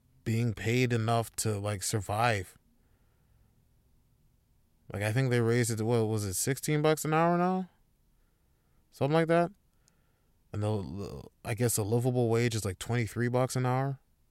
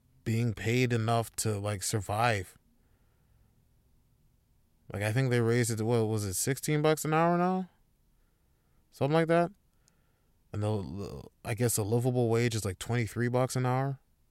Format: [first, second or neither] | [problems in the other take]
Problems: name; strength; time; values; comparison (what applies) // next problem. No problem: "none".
neither | none